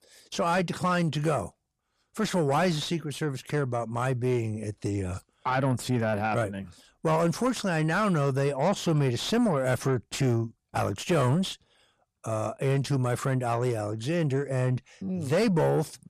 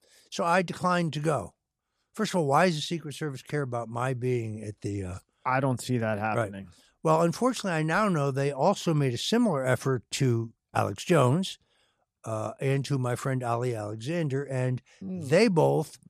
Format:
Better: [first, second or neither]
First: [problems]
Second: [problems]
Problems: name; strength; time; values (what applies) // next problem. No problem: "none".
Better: second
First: distortion; slight; 10 dB below the speech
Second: none